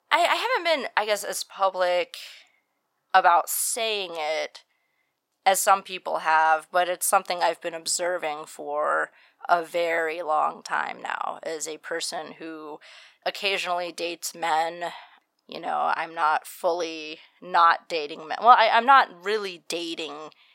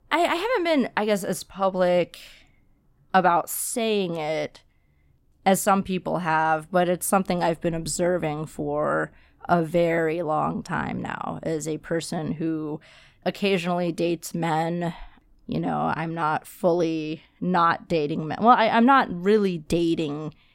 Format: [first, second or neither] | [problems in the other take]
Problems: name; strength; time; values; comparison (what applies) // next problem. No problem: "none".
second | thin; very; fading below 800 Hz